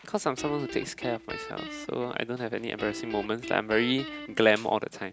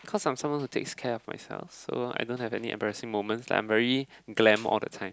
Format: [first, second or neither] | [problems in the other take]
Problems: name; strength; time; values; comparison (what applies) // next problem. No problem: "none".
second | background sound (Guitar); 11 dB below the speech